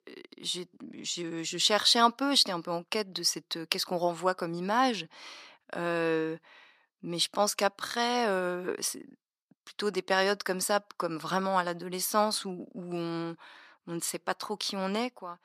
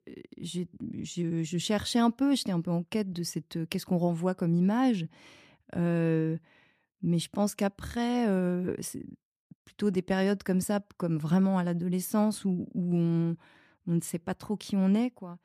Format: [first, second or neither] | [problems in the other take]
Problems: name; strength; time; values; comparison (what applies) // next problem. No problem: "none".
second | thin; very; fading below 450 Hz